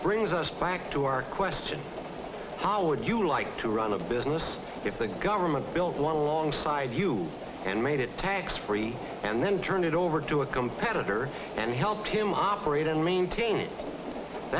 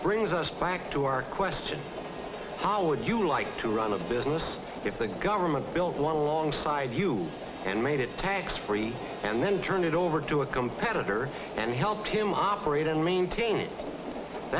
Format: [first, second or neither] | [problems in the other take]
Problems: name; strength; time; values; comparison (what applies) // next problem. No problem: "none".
first | background sound (Bowed string instrument); 19 dB below the speech